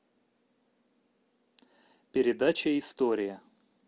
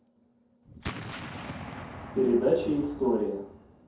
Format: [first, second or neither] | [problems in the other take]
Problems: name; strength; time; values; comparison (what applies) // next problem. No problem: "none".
first | background sound (Explosion); 12 dB below the speech // room echo; dies away in 0.6 s